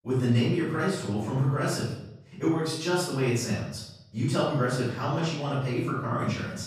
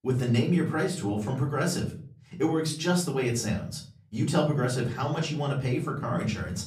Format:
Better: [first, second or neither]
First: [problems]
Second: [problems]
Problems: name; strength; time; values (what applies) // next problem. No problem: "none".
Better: second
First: room echo; strong; dies away in 0.7 s // off-mic speech; far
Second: room echo; slight; dies away in 0.4 s // off-mic speech; far